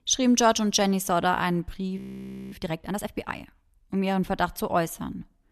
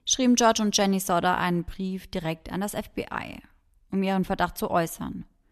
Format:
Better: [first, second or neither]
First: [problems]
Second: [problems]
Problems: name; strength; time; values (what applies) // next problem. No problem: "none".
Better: second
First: audio freezing; at 2 s for 0.5 s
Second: none